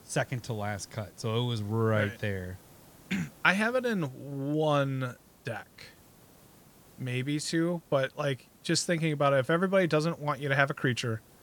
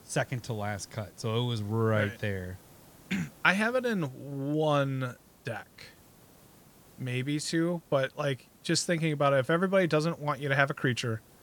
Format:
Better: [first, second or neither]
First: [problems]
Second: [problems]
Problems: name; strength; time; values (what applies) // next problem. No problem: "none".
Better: neither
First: hiss; faint; throughout; 25 dB below the speech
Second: hiss; faint; throughout; 25 dB below the speech